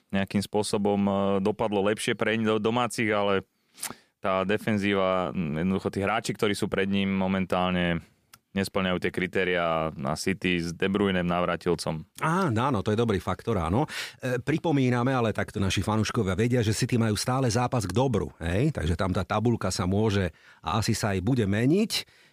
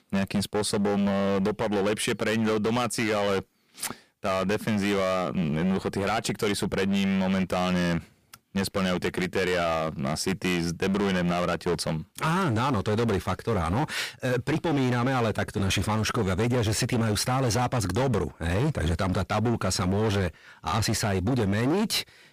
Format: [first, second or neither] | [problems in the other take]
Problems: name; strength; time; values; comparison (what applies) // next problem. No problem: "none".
first | distortion; heavy; 22% of the sound clipped